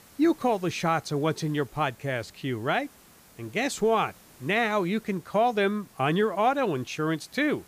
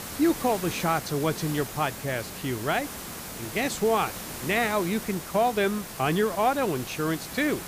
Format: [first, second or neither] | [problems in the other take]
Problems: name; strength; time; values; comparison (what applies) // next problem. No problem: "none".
first | hiss; loud; throughout; 9 dB below the speech; faint in the first